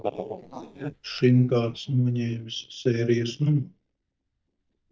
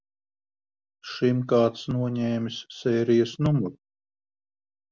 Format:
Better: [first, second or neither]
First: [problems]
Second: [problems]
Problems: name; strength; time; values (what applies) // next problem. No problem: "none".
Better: second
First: noise reduction (neural mask model DeepFilterNet 3)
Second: none